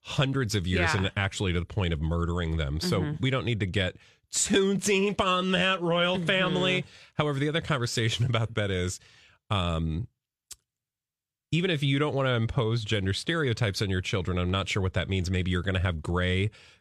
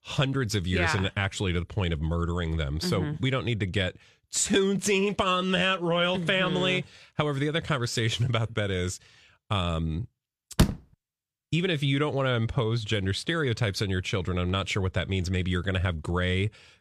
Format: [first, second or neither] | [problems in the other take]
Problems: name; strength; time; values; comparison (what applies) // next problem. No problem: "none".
first | door banging; loud; at 11 s; peak 1 dB above the speech